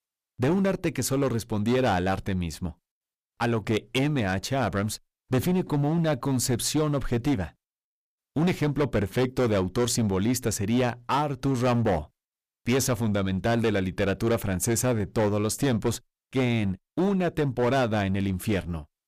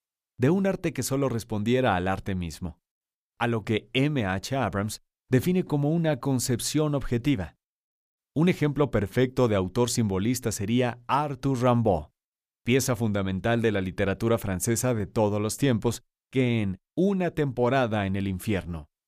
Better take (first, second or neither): second